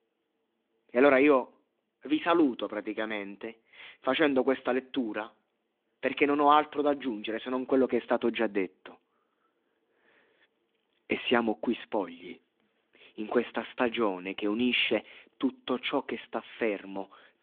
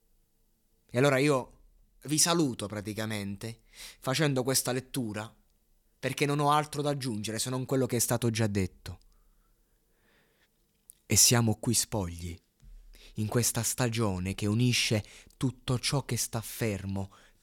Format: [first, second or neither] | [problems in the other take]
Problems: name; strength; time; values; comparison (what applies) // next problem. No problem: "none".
second | phone-call audio; nothing above 3.5 kHz